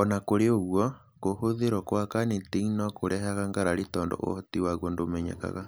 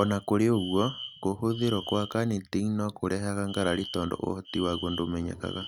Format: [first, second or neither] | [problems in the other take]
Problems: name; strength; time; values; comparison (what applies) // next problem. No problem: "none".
first | noise reduction (neural mask model RNNoise)